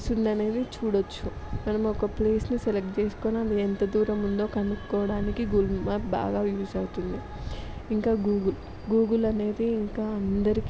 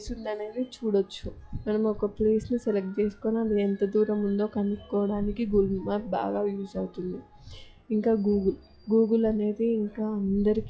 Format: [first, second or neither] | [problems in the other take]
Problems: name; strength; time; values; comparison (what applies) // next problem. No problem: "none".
first | noise reduction (classical method log-MMSE)